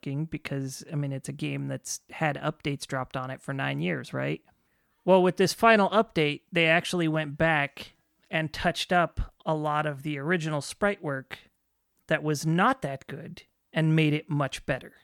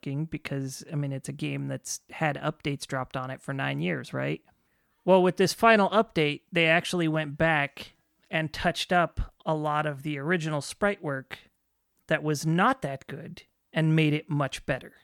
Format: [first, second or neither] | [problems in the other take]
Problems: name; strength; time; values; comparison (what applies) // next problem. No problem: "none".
neither | none